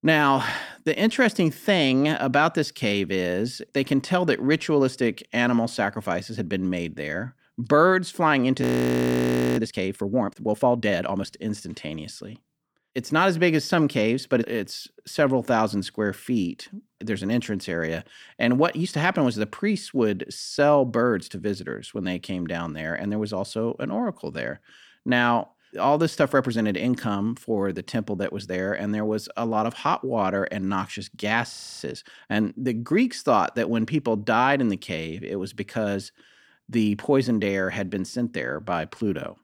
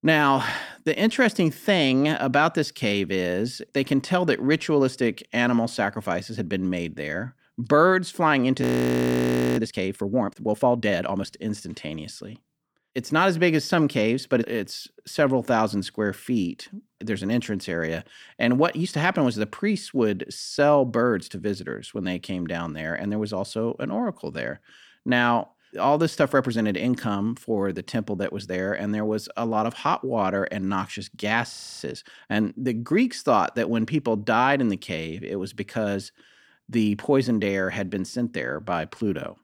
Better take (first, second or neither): neither